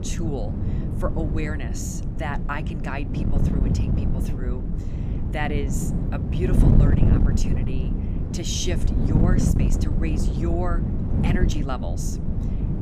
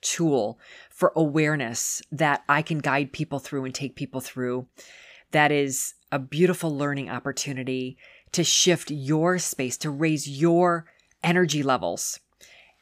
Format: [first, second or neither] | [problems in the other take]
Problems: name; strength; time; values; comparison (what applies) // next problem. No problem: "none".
second | wind noise on the microphone; heavy; 1 dB below the speech